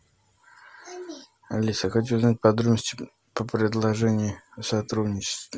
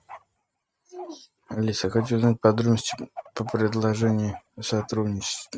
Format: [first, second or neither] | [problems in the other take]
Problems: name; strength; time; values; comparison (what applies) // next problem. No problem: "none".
first | noise reduction (neural mask model RNNoise)